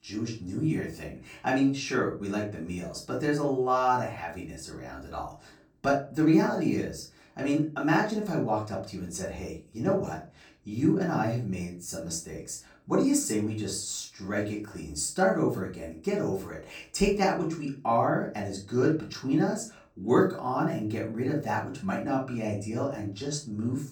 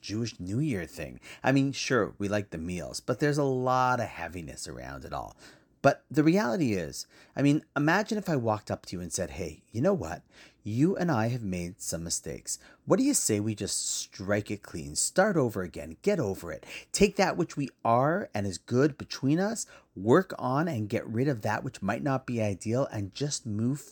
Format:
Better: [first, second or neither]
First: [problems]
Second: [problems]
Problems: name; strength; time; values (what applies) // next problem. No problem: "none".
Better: second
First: off-mic speech; far // room echo; slight; dies away in 0.3 s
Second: none